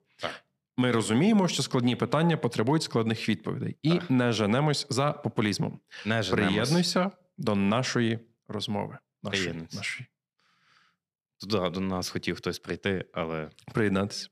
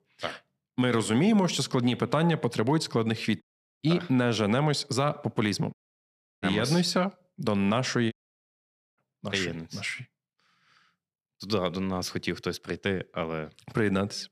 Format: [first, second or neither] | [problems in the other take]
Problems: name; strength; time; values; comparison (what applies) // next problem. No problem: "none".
first | audio cutting out; at 3.5 s, at 5.5 s for 0.5 s and at 8 s for 1 s